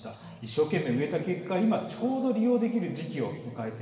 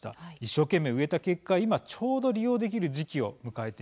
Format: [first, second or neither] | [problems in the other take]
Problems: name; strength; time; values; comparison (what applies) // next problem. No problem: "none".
second | room echo; dies away in 2.1 s